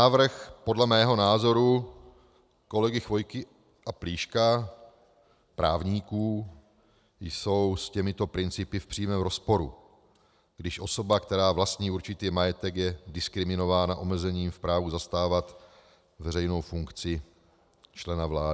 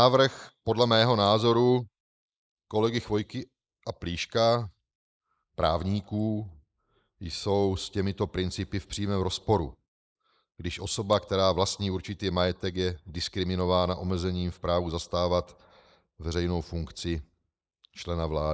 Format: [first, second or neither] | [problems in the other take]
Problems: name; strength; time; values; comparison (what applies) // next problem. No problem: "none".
first | noise reduction (neural mask model Resemble Enhance denoiser)